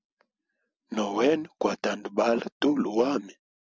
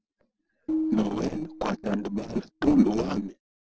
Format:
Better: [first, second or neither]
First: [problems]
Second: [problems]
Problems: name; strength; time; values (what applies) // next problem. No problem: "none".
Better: first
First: none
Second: noise reduction (neural separator model SepFormer DNS4)